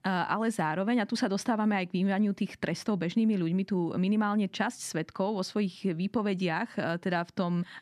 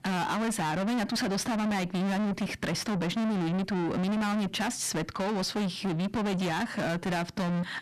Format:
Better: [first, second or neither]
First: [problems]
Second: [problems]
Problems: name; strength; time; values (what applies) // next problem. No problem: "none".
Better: first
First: none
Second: distortion; heavy; 6 dB below the speech